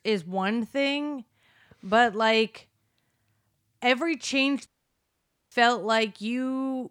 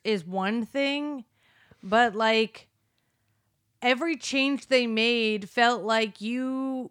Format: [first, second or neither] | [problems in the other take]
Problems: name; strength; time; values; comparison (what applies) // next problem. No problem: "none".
second | audio cutting out; at 4.5 s for 1 s